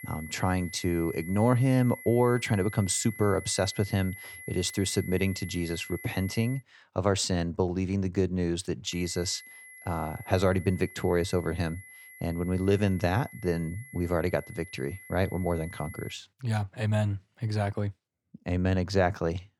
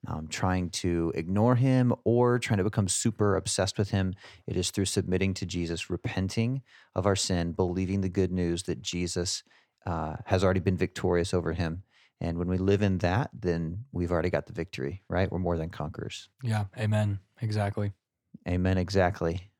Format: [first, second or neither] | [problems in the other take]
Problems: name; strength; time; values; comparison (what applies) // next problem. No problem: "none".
second | high-pitched whine; noticeable; until 6.5 s and from 9 to 16 s; 2 kHz, 15 dB below the speech